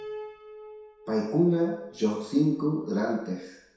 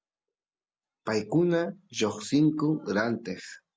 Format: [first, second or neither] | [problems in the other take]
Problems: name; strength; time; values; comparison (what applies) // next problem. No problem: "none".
second | background sound (Piano); 18 dB below the speech // room echo; dies away in 0.7 s